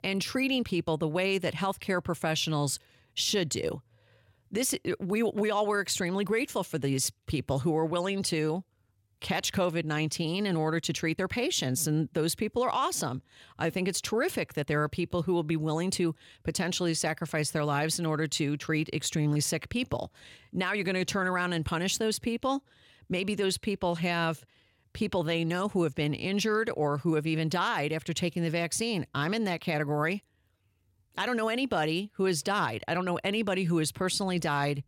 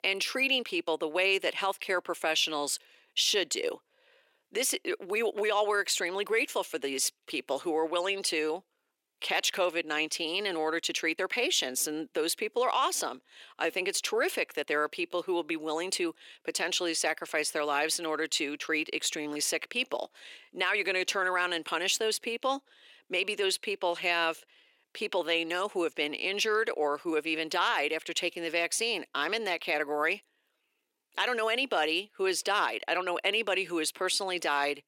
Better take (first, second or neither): first